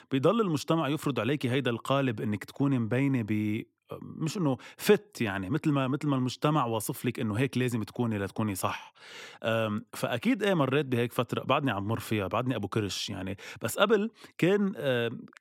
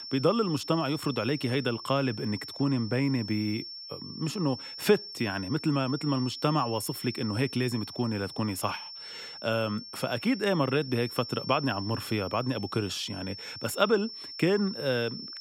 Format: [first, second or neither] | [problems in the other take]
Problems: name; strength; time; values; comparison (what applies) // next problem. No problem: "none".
first | high-pitched whine; noticeable; throughout; 5.5 kHz, 10 dB below the speech